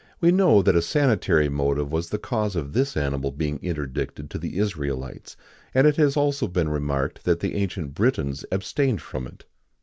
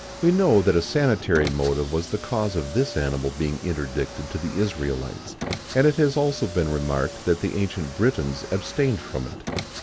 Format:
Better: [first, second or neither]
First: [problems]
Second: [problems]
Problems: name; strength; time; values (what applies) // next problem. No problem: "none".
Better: first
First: none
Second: background sound (Car); 12 dB below the speech